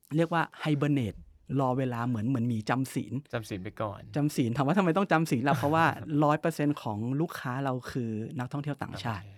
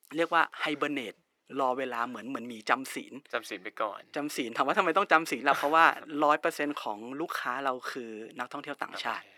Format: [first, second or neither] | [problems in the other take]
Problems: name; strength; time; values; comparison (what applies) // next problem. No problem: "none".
first | thin; somewhat; fading below 350 Hz